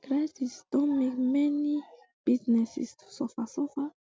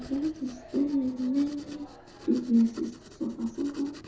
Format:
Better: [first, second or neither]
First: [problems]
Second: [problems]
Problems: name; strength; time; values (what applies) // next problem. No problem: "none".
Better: first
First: none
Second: background sound (Writing); 18 dB below the speech // room echo; dies away in 0.5 s